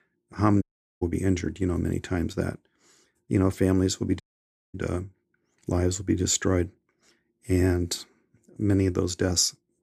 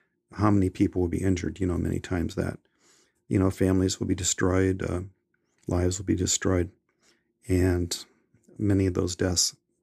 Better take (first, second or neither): second